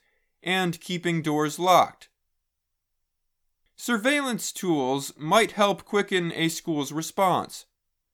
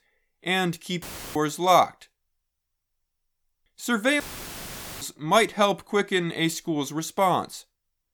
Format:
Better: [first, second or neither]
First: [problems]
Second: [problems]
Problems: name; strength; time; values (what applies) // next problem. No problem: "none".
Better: first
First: none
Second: audio cutting out; filled with static; at 1 s and at 4 s for 1 s